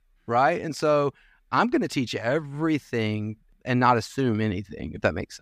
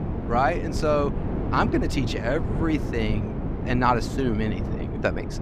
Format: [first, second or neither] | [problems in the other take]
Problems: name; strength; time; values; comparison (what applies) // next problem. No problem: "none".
first | wind noise on the microphone; heavy; 10 dB below the speech